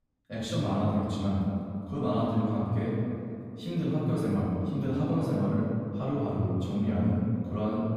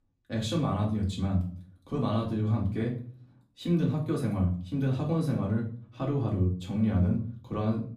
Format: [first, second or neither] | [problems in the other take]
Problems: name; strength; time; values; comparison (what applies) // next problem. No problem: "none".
second | room echo; strong; dies away in 2.3 s; slight in the second // off-mic speech; far; far in the second